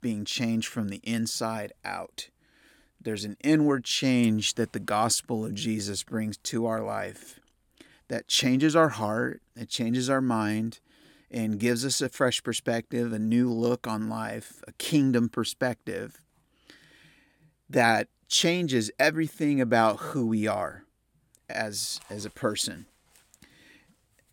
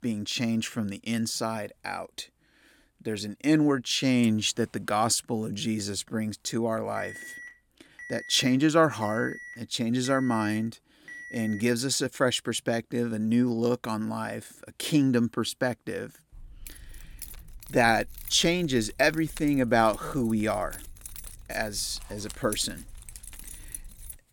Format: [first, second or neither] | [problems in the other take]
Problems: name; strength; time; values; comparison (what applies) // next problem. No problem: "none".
first | alarm; faint; from 7 to 12 s; peak 15 dB below the speech // jangling keys; faint; from 16 s on; peak 10 dB below the speech